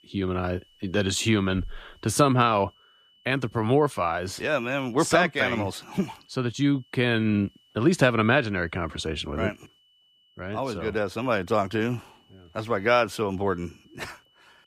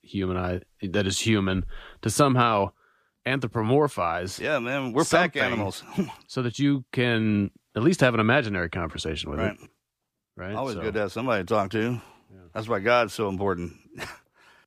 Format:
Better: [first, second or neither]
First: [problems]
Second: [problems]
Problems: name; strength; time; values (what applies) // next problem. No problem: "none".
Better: second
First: high-pitched whine; faint; throughout; 3 kHz, 35 dB below the speech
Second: none